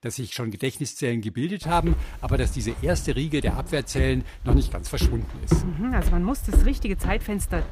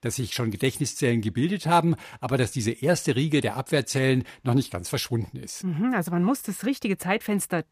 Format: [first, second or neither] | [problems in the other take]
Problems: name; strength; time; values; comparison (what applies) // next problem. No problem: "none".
second | footsteps; loud; from 2 s on; peak 4 dB above the speech